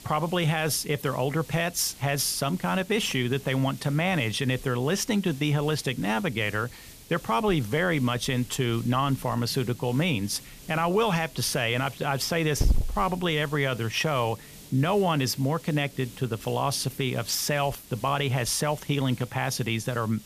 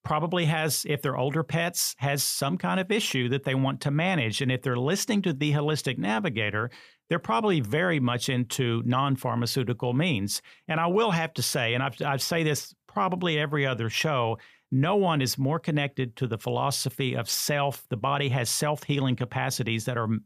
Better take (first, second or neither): second